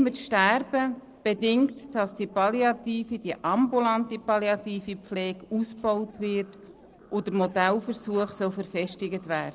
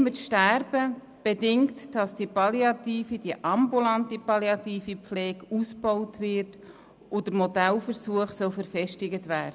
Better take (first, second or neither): second